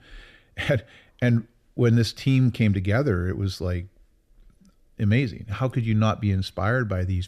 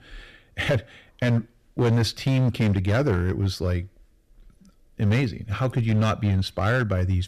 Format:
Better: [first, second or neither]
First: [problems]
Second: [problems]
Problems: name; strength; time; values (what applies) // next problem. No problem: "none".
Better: first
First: none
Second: distortion; slight; 11% of the sound clipped